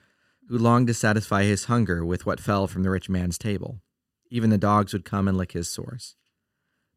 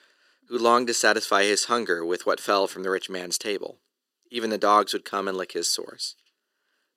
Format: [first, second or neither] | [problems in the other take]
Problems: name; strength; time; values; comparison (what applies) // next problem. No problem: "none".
first | thin; very; fading below 350 Hz